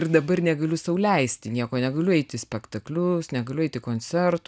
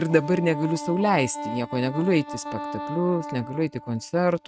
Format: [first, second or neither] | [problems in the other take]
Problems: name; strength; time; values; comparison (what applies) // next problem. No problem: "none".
first | noise reduction (neural mask model RNNoise)